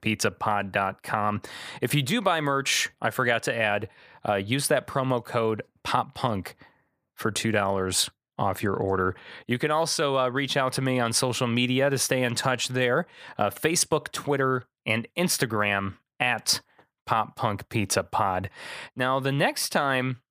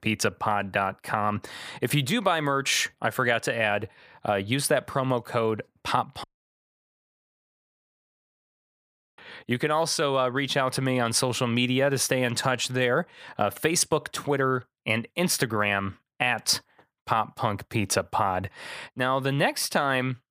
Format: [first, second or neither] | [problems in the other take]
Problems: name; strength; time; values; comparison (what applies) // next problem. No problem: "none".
first | audio cutting out; at 6 s for 3 s